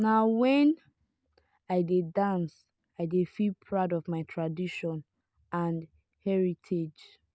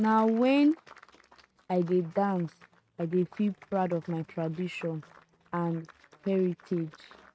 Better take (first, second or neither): first